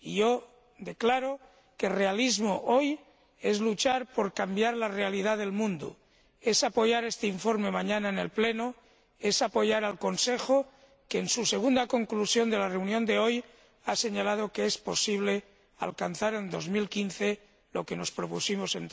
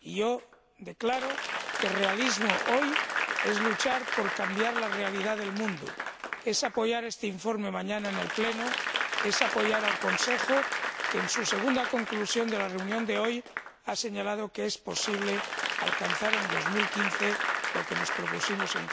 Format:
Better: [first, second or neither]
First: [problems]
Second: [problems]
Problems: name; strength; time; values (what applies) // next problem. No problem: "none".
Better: first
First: none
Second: background sound (Applause / Crowd); 1 dB below the speech